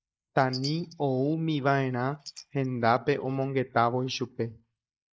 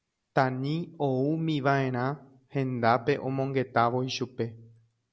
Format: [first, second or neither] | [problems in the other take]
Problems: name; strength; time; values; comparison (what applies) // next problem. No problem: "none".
second | noise reduction (neural mask model Resemble Enhance denoiser)